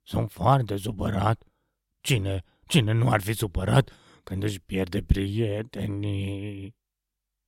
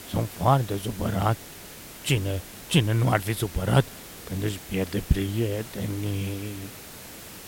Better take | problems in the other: first | hiss; noticeable; throughout; 15 dB below the speech

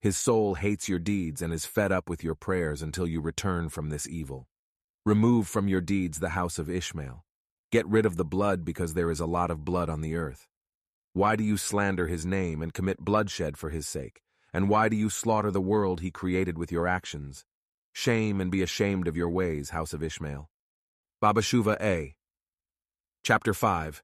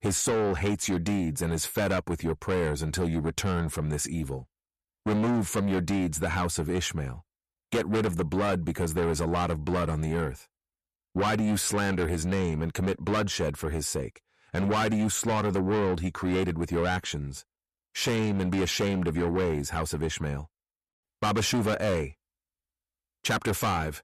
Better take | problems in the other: first | distortion; heavy; 6 dB below the speech

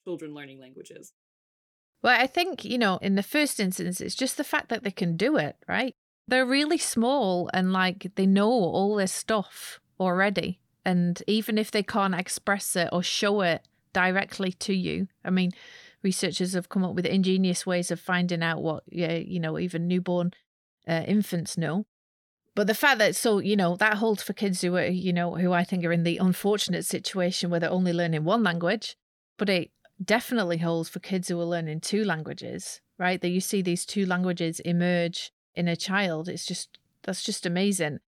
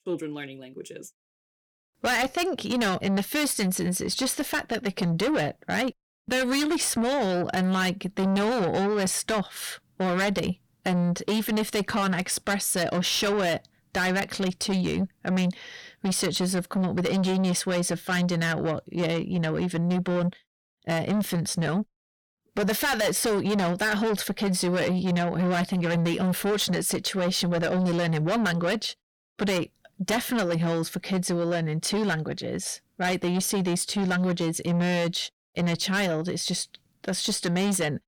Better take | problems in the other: first | distortion; heavy; 7 dB below the speech

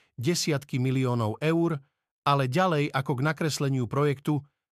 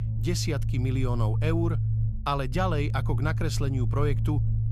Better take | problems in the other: first | low rumble; loud; throughout; 10 dB below the speech

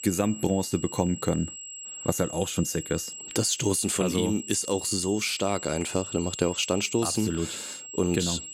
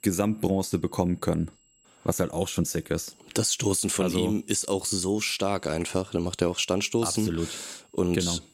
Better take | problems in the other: second | high-pitched whine; loud; throughout; 7.5 kHz, 10 dB below the speech; faint in the second

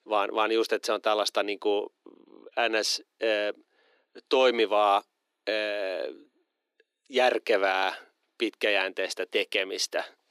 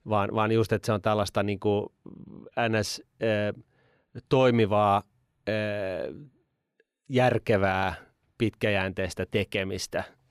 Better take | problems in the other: second | thin; very; fading below 300 Hz

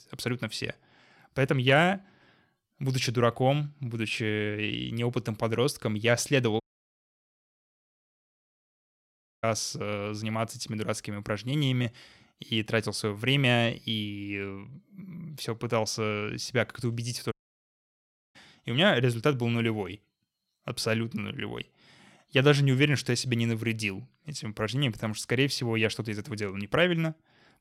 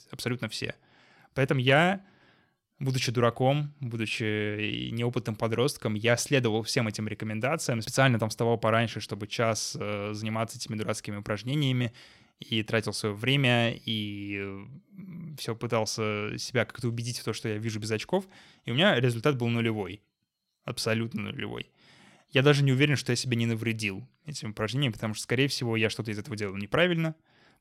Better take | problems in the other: second | audio cutting out; at 6.5 s for 3 s and at 17 s for 1 s

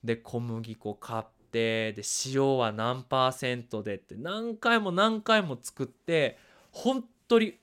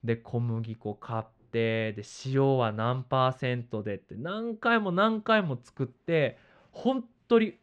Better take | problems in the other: first | muffled; slightly; fading above 3 kHz

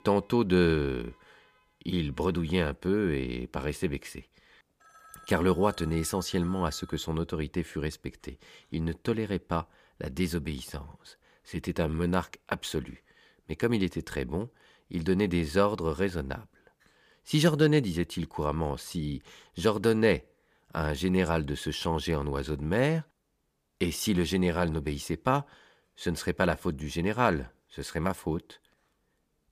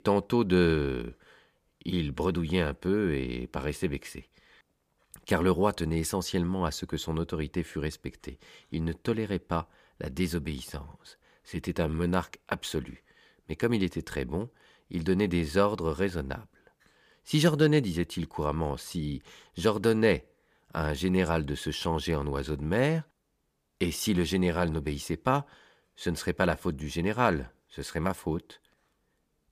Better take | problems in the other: second | alarms or sirens; faint; until 7 s; 25 dB below the speech

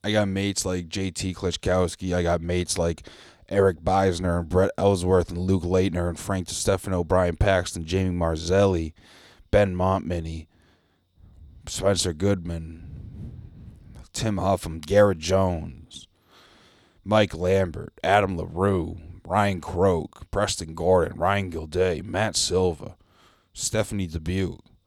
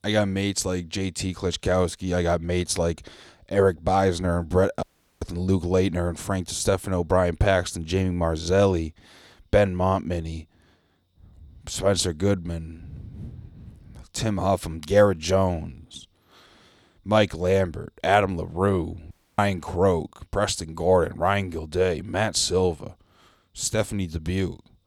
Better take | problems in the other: first | audio cutting out; at 5 s and at 19 s

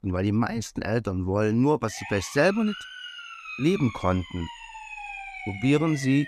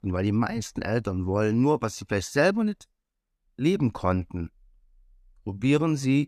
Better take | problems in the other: second | siren; faint; from 2 s on; peak 10 dB below the speech

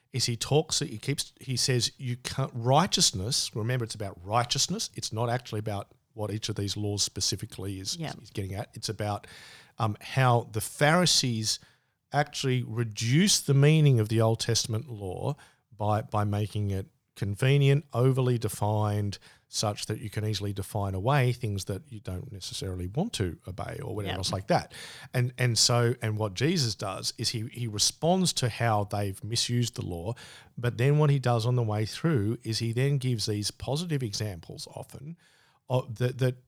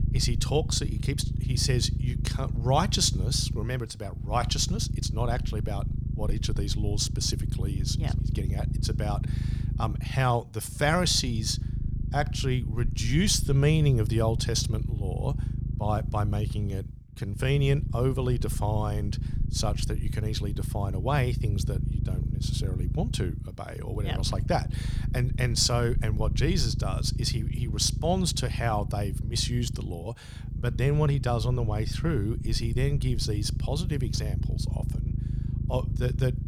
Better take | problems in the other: first | low rumble; noticeable; throughout; 15 dB below the speech

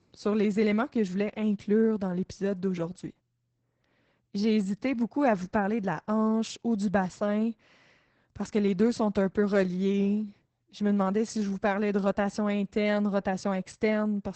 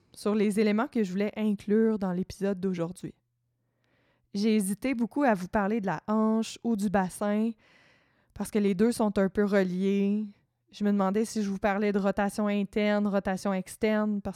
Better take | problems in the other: second | garbled, watery; badly; nothing above 8 kHz

